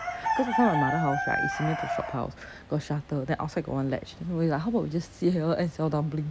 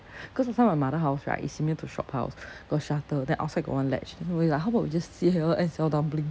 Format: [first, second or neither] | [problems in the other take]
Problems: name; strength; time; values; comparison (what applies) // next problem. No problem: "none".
second | background sound (Chicken, rooster); 5 dB below the speech